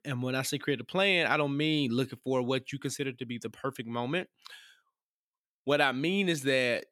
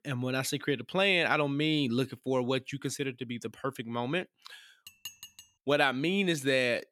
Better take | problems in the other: first | clattering dishes; faint; at 5 s; peak 15 dB below the speech

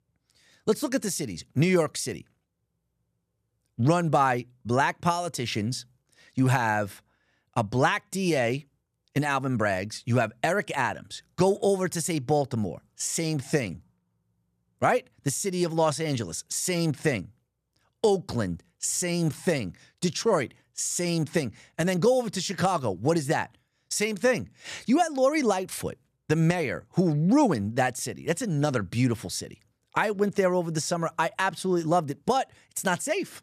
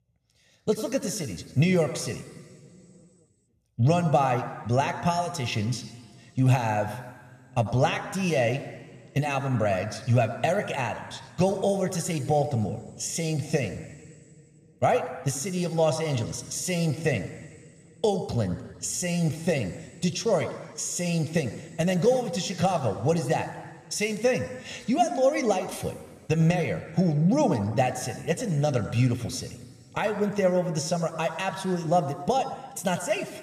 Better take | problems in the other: first | room echo; slight; dies away in 2 s

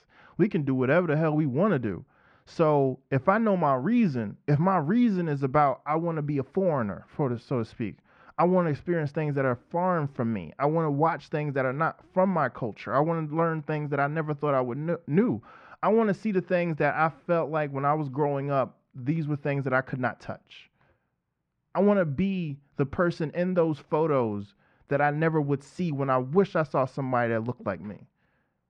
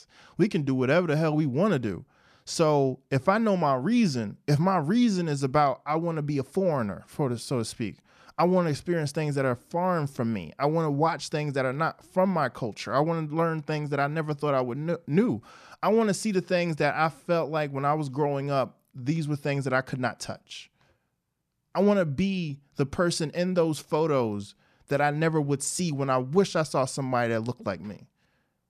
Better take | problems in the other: second | muffled; very; fading above 2 kHz

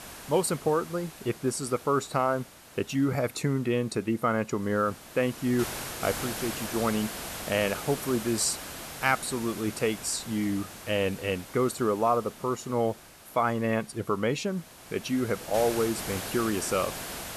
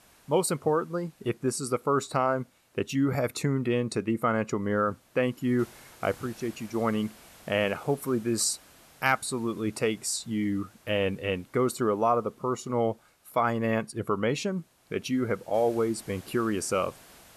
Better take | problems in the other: second | hiss; loud; throughout; 9 dB below the speech; faint in the second

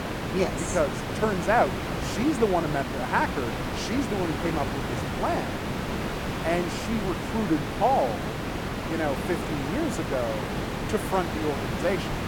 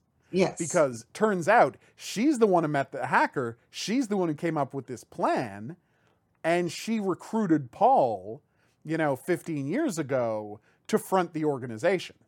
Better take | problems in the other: second | hiss; loud; throughout; 2 dB below the speech

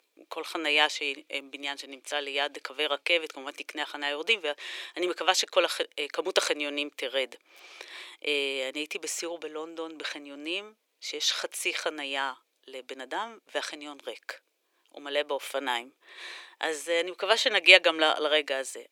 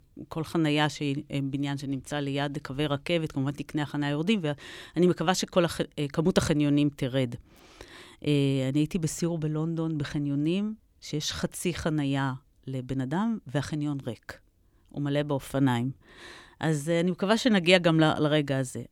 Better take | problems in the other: second | thin; very; fading below 400 Hz

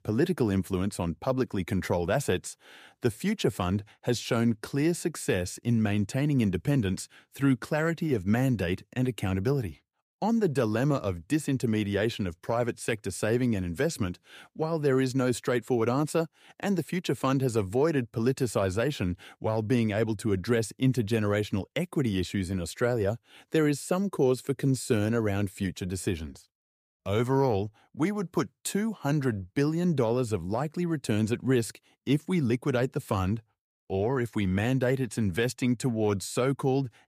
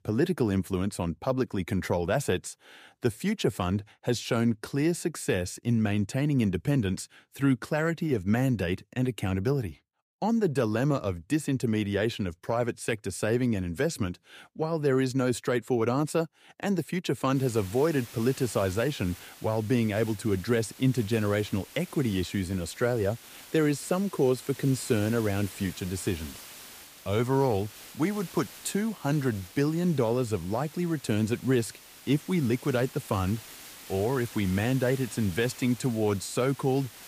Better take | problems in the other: first | hiss; noticeable; from 17 s on; 15 dB below the speech

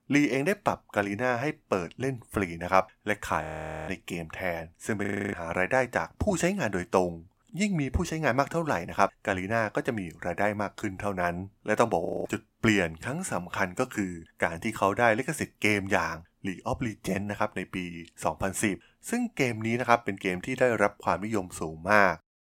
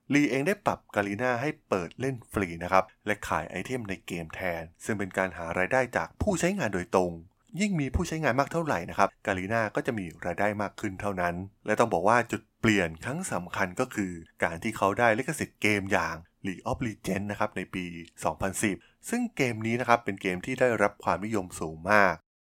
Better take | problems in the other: second | audio freezing; at 3.5 s, at 5 s and at 12 s

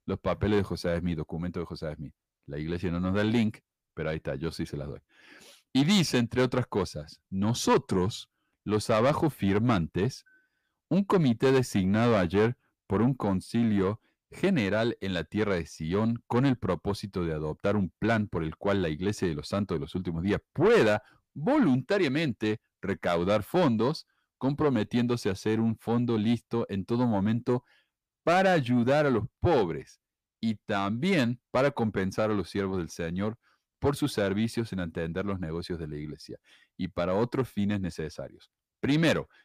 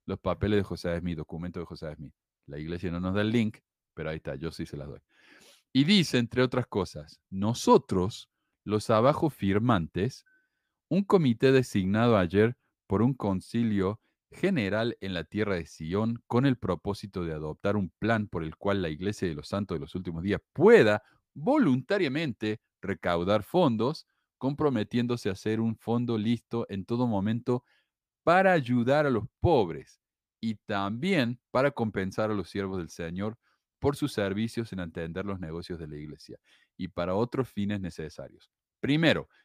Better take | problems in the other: second | distortion; slight; 10 dB below the speech

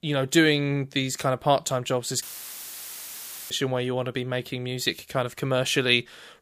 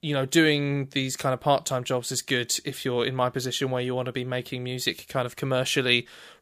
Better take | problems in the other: second | audio cutting out; filled with static; at 2 s for 1.5 s

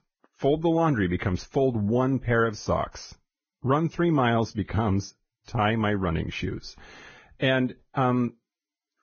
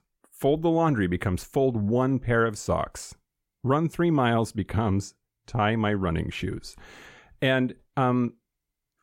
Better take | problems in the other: second | garbled, watery; badly; nothing above 6.5 kHz

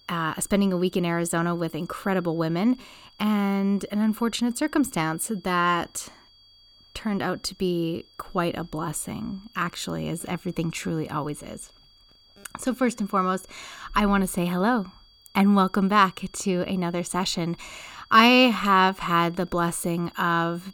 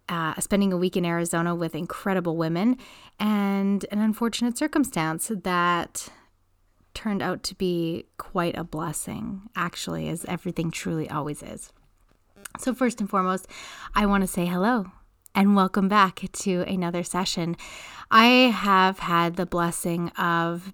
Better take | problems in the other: second | high-pitched whine; faint; throughout; 4.5 kHz, 30 dB below the speech

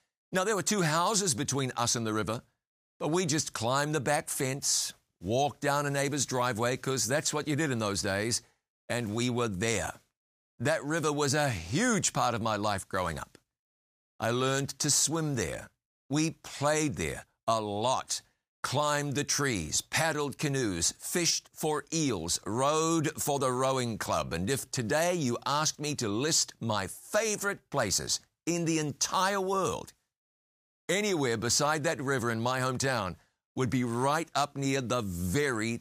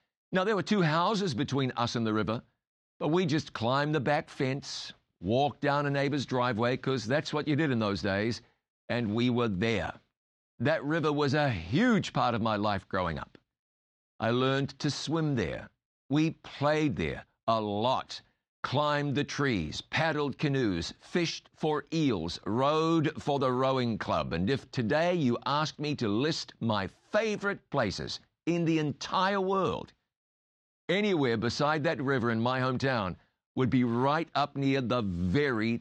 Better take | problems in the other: first | muffled; slightly; fading above 4 kHz

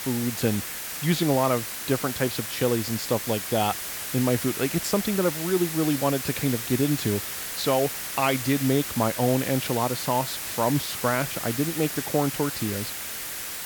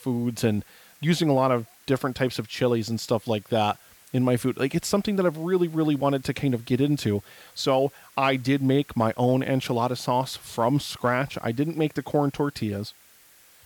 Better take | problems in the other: second | hiss; loud; throughout; 4 dB below the speech; faint in the second

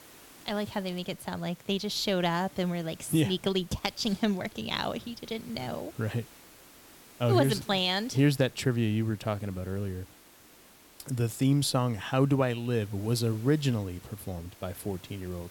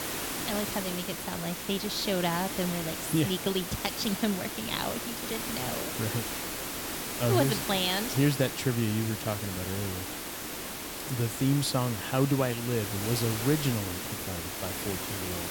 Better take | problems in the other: first | hiss; loud; throughout; 3 dB below the speech; faint in the first

